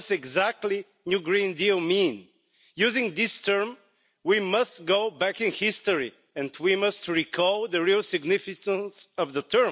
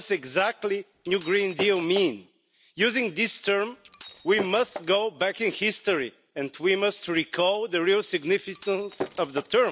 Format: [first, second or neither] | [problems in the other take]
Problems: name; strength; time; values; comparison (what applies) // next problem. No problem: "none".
first | background sound (Shatter); 12 dB below the speech